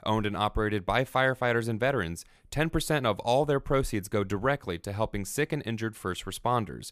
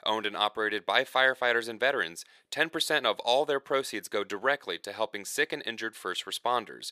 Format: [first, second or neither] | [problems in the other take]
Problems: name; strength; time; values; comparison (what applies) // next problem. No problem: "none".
first | thin; somewhat; fading below 450 Hz